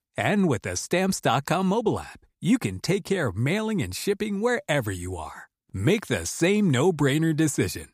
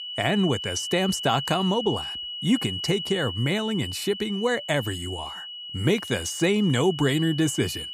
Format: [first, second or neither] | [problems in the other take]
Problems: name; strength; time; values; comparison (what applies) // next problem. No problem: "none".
first | high-pitched whine; loud; throughout; 3 kHz, 7 dB below the speech